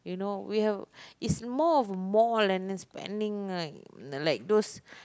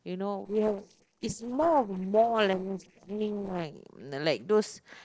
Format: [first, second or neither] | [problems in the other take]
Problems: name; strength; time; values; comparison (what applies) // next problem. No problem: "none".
first | noise reduction (neural separator model SepFormer DNS4)